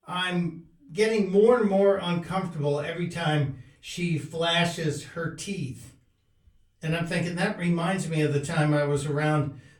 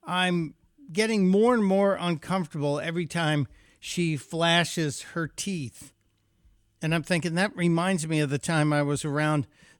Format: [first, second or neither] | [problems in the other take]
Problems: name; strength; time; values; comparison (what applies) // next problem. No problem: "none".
second | off-mic speech; far // room echo; very slight; dies away in 0.3 s